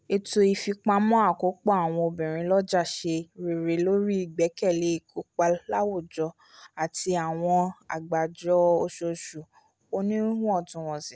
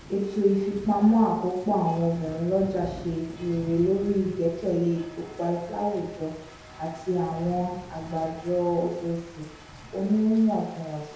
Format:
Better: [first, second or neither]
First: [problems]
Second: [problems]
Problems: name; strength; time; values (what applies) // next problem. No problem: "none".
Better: first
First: none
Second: background sound (Rain); 18 dB below the speech // room echo; dies away in 0.9 s